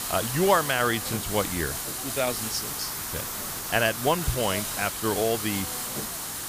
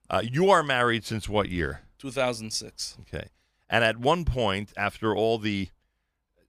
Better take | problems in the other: second | hiss; loud; throughout; 3 dB below the speech

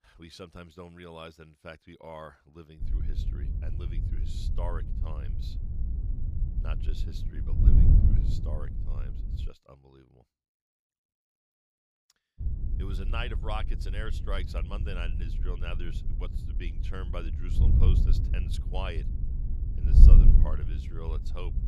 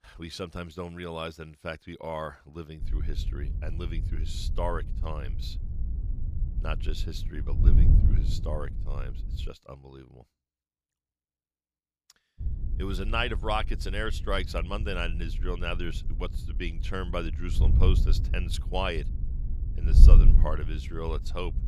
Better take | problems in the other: second | wind noise on the microphone; heavy; from 3 to 9.5 s and from 12 s on; 3 dB below the speech; occasional gusts in the second

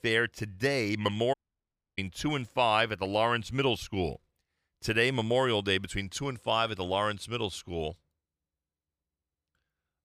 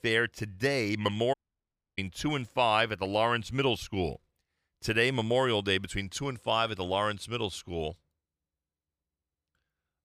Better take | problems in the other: neither | audio cutting out; at 1.5 s for 0.5 s; the same in both

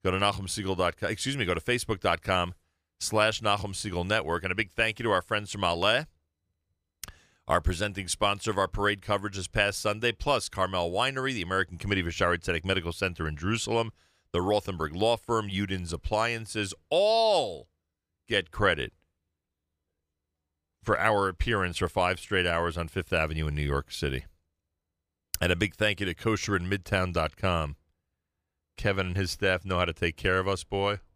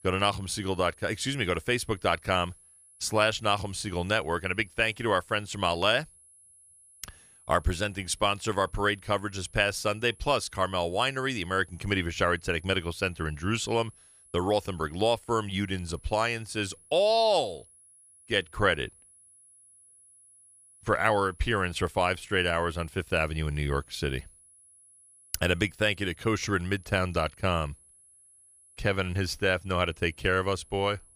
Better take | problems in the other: first | high-pitched whine; faint; throughout; 10.5 kHz, 25 dB below the speech

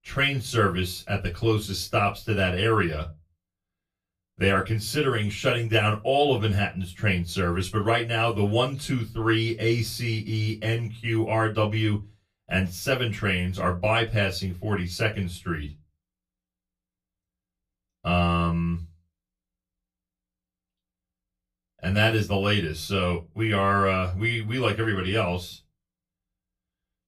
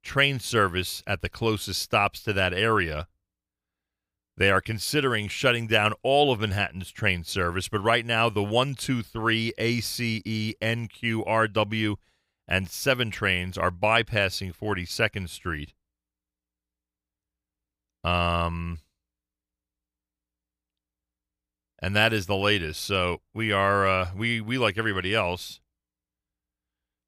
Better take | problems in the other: second | off-mic speech; far // room echo; very slight; dies away in 0.2 s

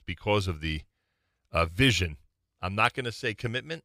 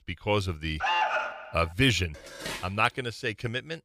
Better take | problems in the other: first | alarm; loud; at 1 s; peak 3 dB above the speech // clattering dishes; noticeable; at 2 s; peak 8 dB below the speech

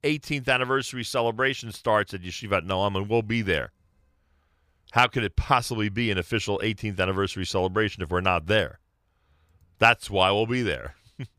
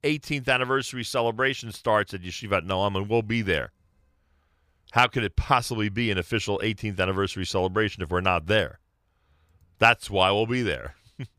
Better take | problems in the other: neither | none

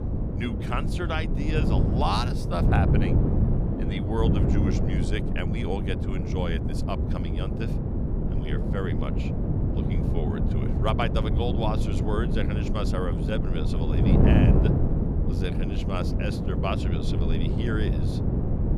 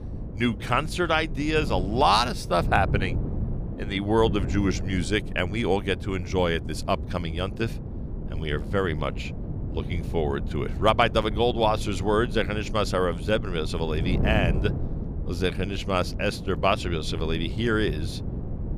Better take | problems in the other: second | wind noise on the microphone; heavy; 1 dB below the speech; occasional gusts in the second

